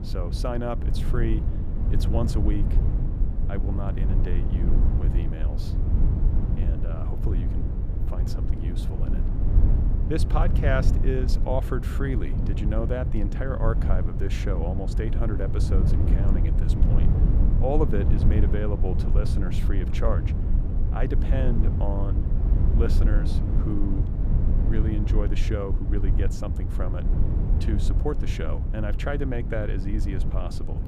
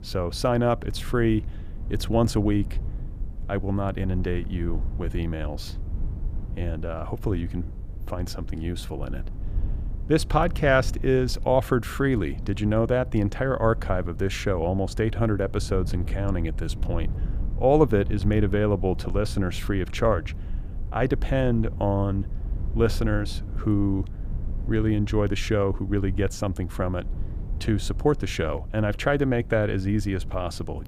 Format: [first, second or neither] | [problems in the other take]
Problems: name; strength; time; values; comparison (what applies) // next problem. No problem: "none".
second | low rumble; loud; throughout; 5 dB below the speech; faint in the second